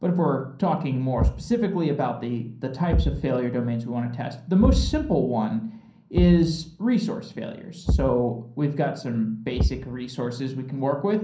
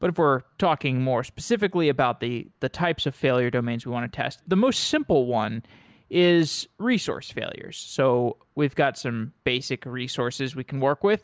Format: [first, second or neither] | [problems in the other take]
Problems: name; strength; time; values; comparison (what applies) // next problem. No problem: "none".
second | background sound (Thump, thud); 5 dB below the speech // room echo; dies away in 0.6 s